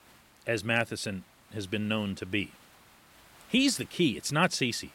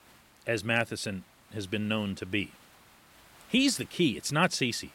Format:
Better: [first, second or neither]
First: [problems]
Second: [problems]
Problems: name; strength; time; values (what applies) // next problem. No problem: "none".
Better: neither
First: hiss; faint; throughout; 25 dB below the speech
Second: hiss; faint; throughout; 25 dB below the speech